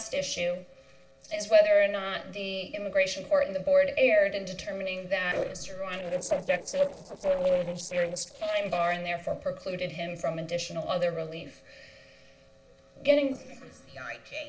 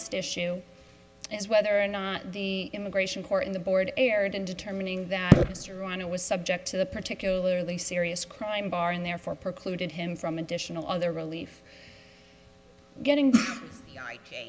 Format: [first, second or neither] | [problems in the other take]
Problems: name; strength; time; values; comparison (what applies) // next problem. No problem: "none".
second | noise reduction (neural separator model SepFormer DNS4)